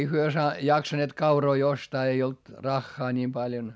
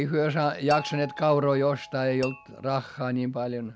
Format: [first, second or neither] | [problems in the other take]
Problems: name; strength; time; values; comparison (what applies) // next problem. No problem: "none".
first | background sound (Tap / Glass + Doorbell); 17 dB below the speech